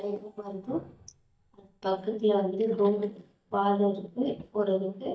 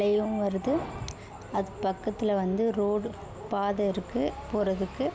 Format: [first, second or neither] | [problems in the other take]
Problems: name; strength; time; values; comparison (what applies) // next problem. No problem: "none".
second | noise reduction (neural mask model DeepFilterNet 3)